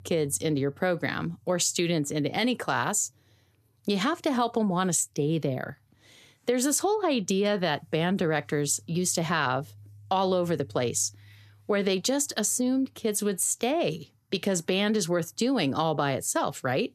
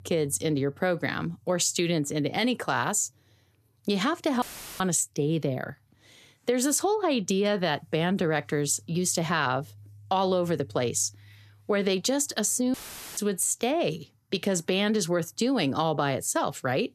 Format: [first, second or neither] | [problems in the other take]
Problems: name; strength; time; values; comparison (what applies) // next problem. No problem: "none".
first | audio cutting out; filled with static; at 4.5 s and at 13 s